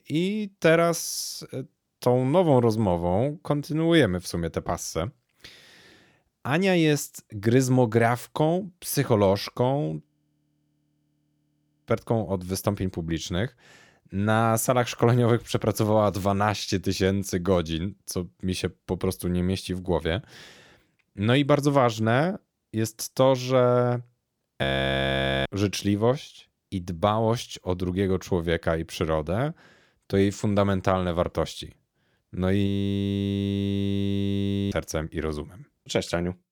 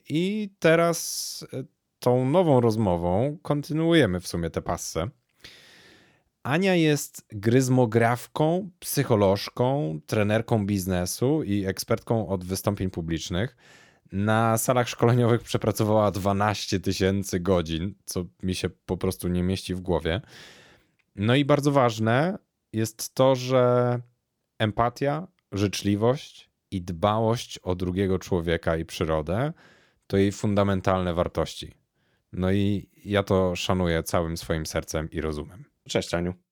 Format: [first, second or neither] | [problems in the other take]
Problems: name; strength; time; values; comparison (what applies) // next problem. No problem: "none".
second | audio freezing; at 10 s for 2 s, at 25 s for 1 s and at 33 s for 2 s